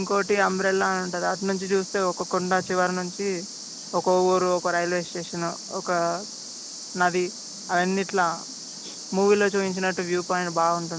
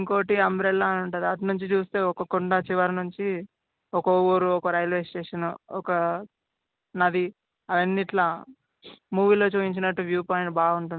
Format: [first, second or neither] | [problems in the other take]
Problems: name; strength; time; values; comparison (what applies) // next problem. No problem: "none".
second | background sound (Cricket); 12 dB below the speech